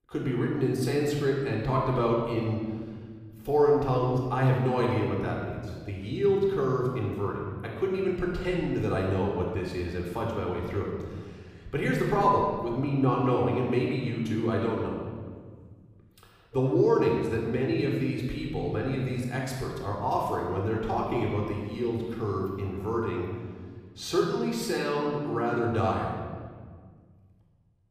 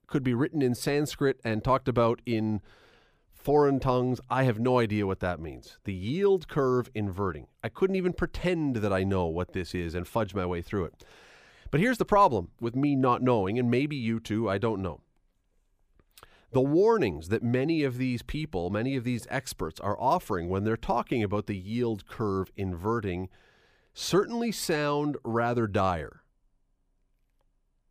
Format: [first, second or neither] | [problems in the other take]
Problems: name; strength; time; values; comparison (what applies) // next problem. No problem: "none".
second | off-mic speech; somewhat distant // room echo; noticeable; dies away in 1.6 s